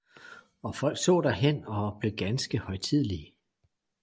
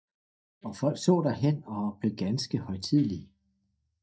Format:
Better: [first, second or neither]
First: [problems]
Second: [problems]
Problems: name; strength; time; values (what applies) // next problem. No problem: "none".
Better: first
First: none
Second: noise reduction (neural mask model DeepFilterNet 3)